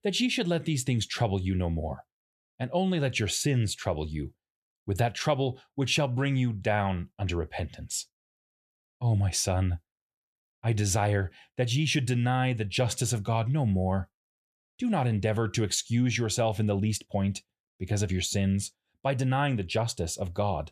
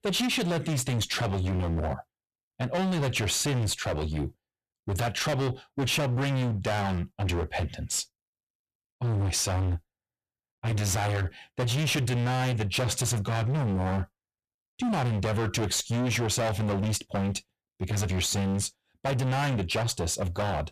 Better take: first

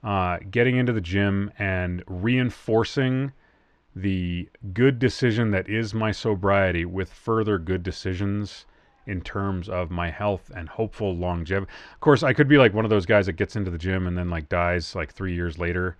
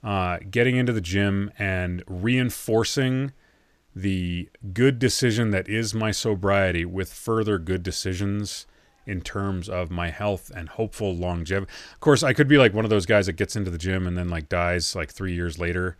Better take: second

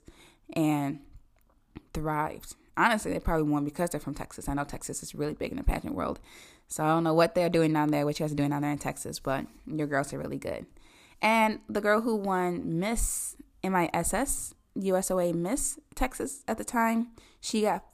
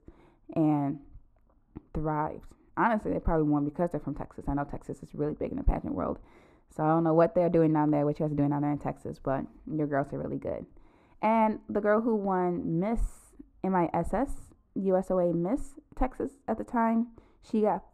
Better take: first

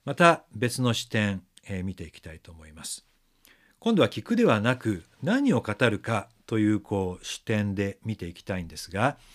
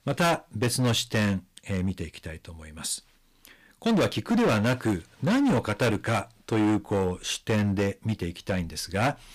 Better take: first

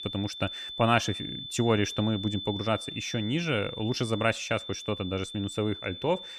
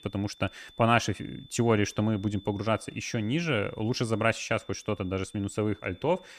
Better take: second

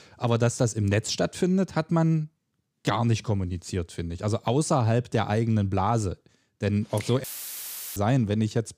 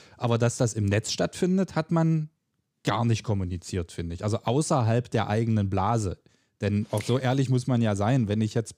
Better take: second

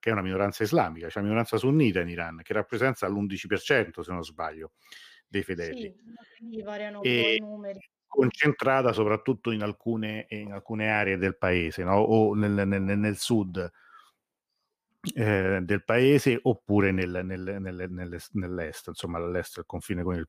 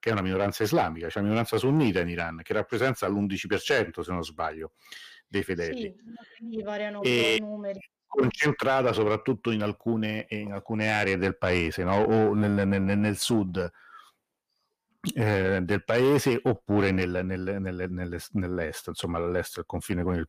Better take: first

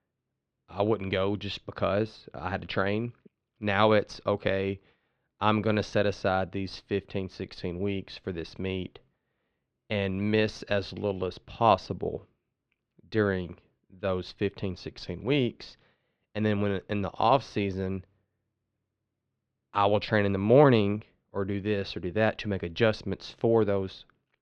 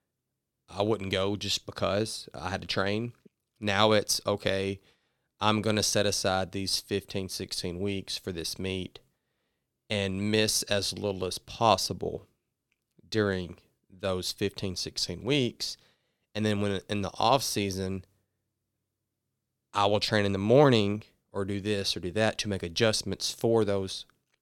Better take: second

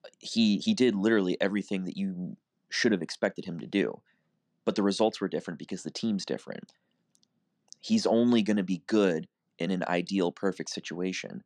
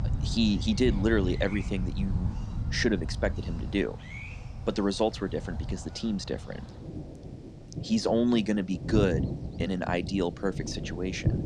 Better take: first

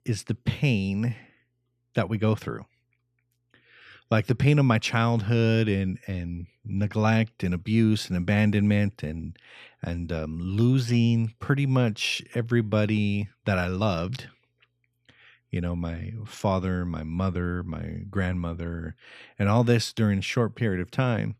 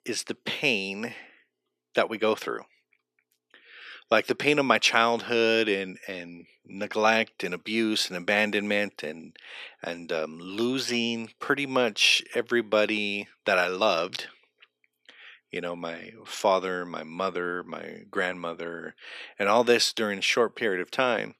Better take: first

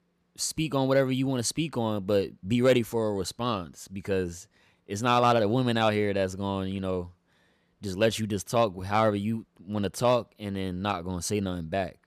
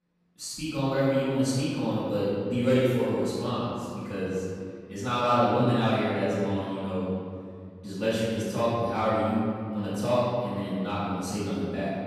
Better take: first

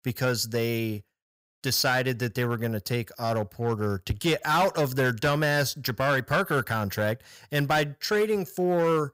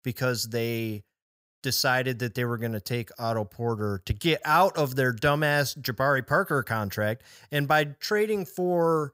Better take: second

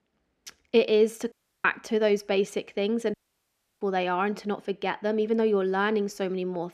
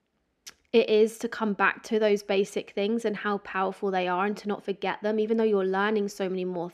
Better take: second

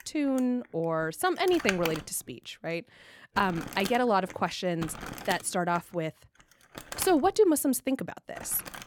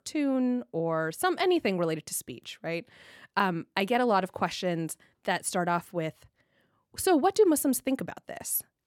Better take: second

